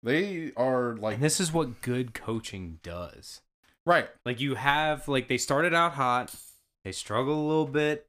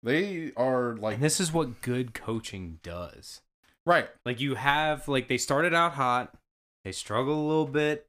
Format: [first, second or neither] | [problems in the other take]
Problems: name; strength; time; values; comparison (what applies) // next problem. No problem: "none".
second | jangling keys; faint; at 6.5 s; peak 15 dB below the speech